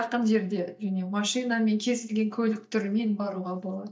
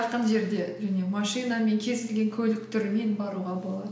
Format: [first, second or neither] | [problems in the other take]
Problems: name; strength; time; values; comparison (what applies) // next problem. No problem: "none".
second | noise reduction (neural mask model DeepFilterNet 3)